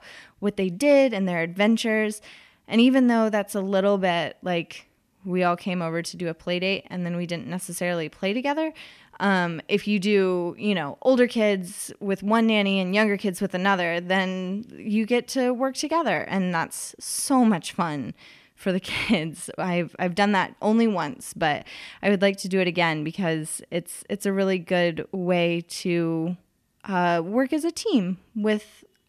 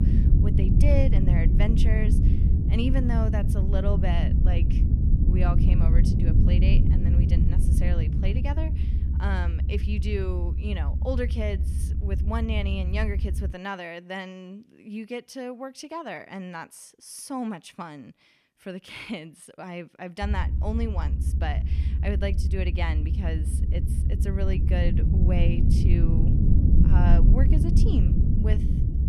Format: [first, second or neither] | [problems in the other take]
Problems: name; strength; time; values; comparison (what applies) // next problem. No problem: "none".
first | low rumble; loud; until 14 s and from 20 s on; 2 dB below the speech